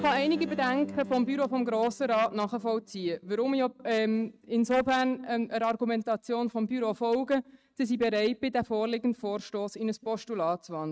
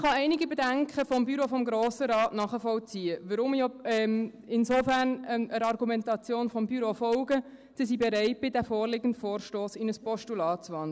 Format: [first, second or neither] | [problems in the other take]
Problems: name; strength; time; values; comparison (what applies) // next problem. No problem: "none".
second | noise reduction (neural mask model RNNoise)